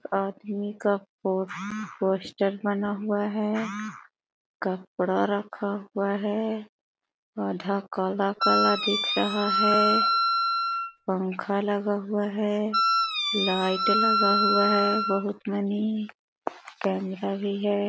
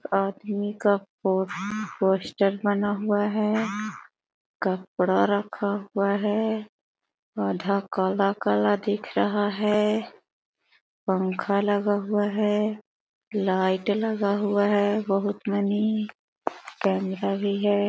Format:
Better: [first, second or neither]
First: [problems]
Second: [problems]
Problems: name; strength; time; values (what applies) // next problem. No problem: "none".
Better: second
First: background sound (Wind instrument, woodwind instrument); 3 dB above the speech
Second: none